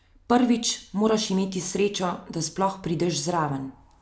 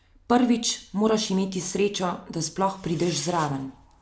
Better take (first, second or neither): first